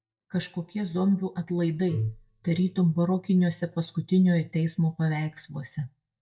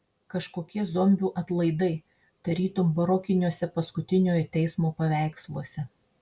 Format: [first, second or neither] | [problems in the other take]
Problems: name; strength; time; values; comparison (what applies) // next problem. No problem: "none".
second | noise reduction (neural mask model DeepFilterNet 3)